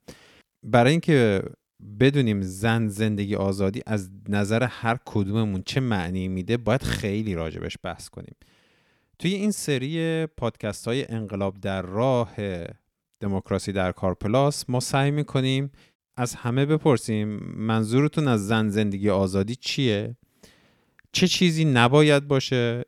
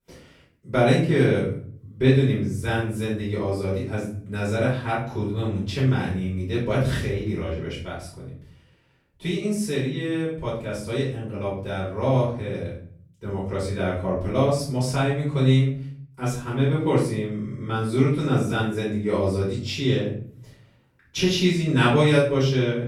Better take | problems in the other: first | off-mic speech; far // room echo; noticeable; dies away in 0.5 s

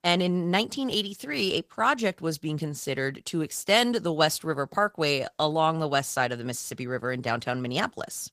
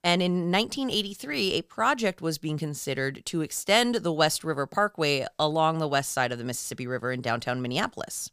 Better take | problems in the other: second | garbled, watery; slightly; nothing above 15 kHz

